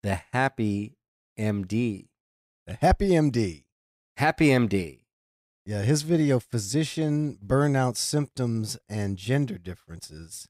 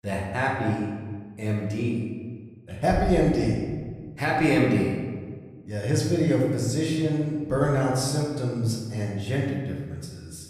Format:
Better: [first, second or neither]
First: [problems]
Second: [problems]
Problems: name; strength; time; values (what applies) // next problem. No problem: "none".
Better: first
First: none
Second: room echo; noticeable; dies away in 1.3 s // off-mic speech; far